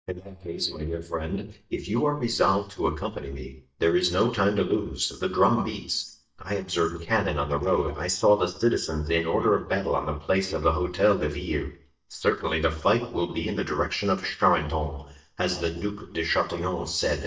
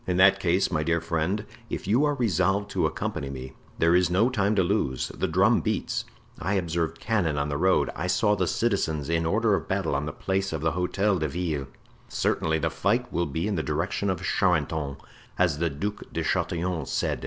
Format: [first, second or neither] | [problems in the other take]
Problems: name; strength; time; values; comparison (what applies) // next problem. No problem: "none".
second | noise reduction (neural mask model DeepFilterNet 3)